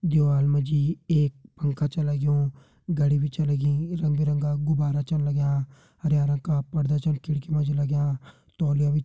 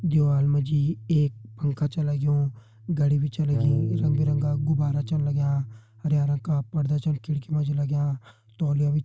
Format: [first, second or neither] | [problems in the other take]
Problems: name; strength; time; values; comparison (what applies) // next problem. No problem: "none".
first | noise reduction (neural mask model RNNoise)